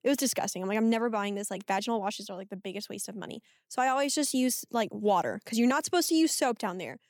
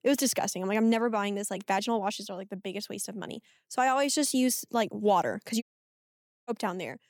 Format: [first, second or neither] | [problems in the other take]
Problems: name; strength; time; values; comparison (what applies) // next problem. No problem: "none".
first | audio cutting out; at 5.5 s for 1 s